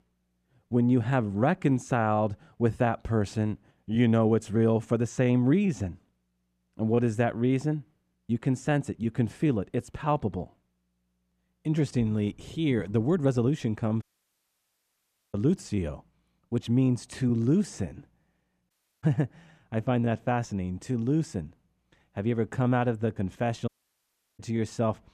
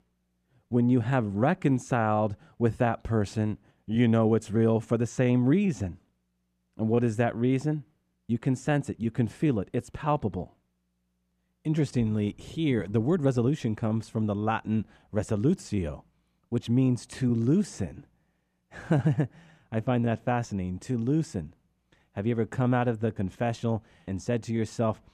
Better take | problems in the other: second | audio cutting out; at 14 s for 1.5 s, at 19 s and at 24 s for 0.5 s

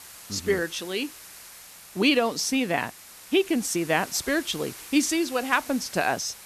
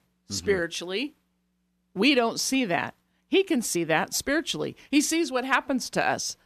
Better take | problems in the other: second | hiss; noticeable; throughout; 15 dB below the speech

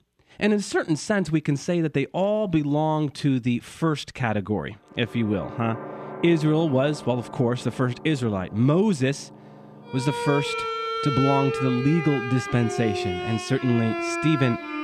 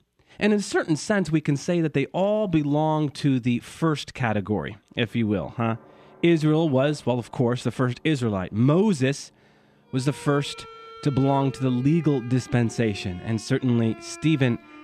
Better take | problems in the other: second | background music; loud; from 5.5 s on; 6 dB below the speech; faint in the second

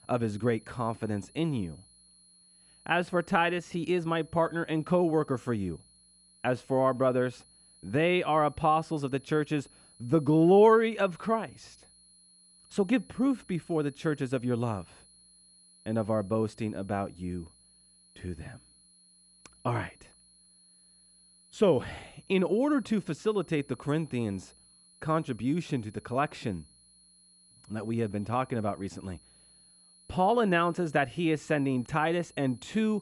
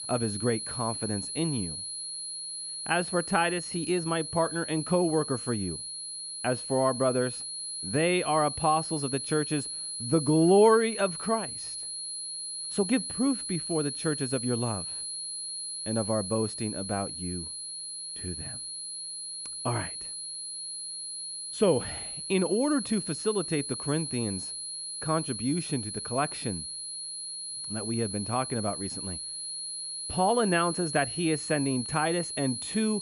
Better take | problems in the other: first | high-pitched whine; loud; throughout; 10 kHz, 5 dB below the speech; faint in the first

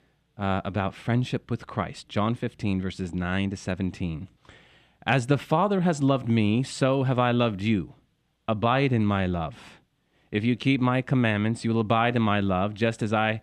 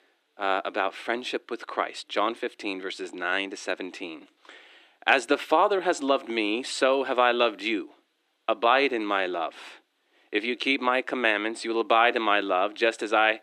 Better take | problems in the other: first | thin; very; fading below 300 Hz

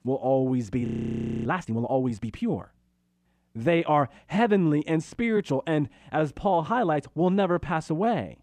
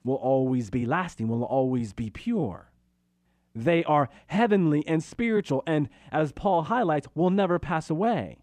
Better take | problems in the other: second | audio freezing; at 1 s for 0.5 s

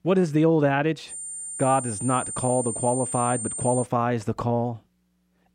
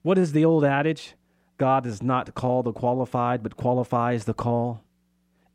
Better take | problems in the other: second | high-pitched whine; loud; from 1 to 4 s; 9 kHz, 6 dB below the speech

